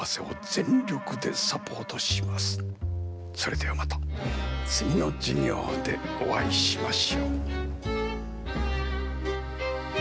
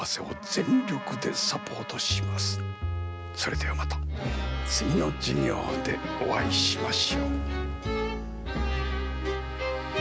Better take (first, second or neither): first